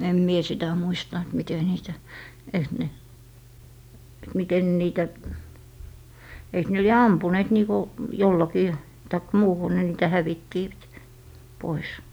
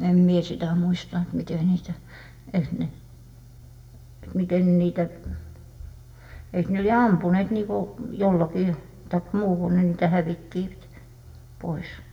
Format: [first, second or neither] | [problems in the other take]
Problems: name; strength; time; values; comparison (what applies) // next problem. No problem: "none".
first | room echo; dies away in 0.8 s